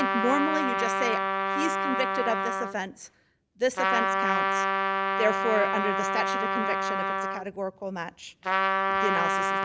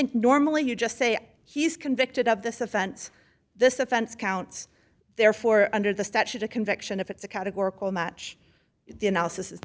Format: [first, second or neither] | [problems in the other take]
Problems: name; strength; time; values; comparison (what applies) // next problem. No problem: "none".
second | background sound (Trumpet); 4 dB above the speech